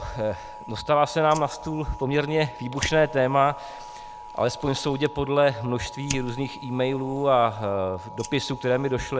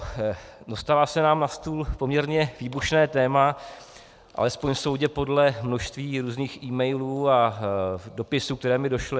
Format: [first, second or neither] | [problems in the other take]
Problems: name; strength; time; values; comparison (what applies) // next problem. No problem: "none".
second | background sound (Fire + Alarm); 14 dB below the speech